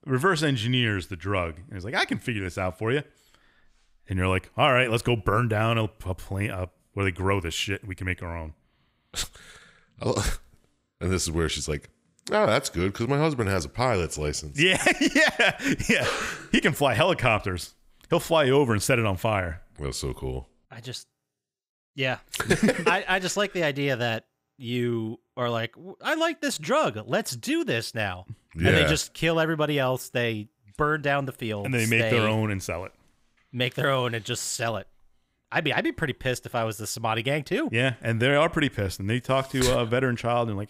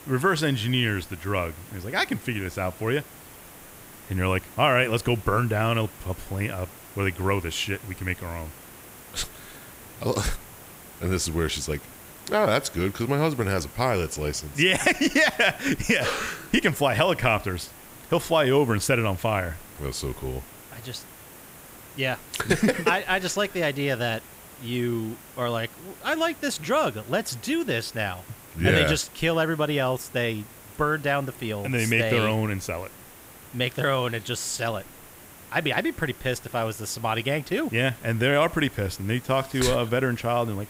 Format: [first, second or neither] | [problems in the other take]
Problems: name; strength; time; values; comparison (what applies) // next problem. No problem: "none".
first | hiss; noticeable; throughout; 20 dB below the speech